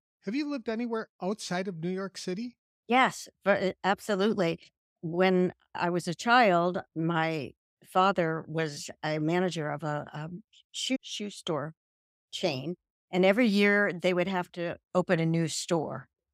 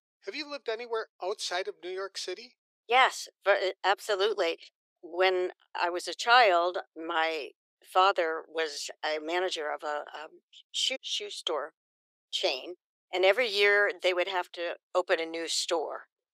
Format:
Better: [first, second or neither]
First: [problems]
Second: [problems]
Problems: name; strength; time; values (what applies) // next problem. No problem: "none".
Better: first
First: none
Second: thin; very; fading below 400 Hz